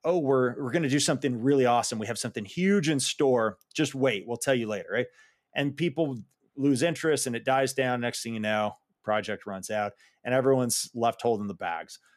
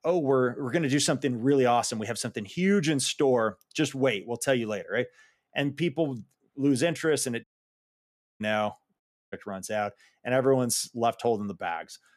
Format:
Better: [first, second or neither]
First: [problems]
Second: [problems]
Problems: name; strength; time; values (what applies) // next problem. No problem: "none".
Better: first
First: none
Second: audio cutting out; at 7.5 s for 1 s and at 9 s